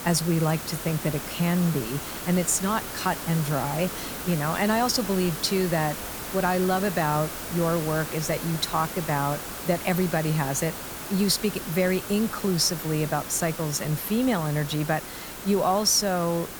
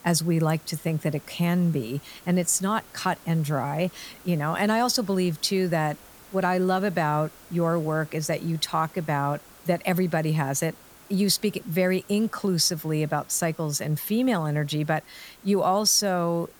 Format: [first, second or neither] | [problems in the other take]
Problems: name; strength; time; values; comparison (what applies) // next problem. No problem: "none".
second | hiss; loud; throughout; 8 dB below the speech; faint in the second